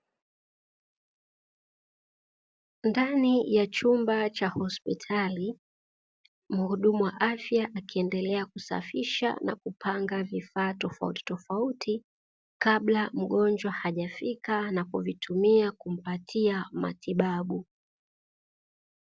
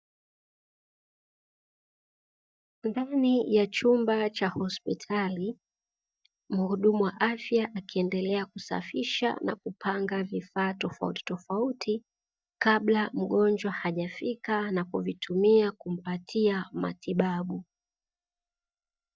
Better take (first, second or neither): first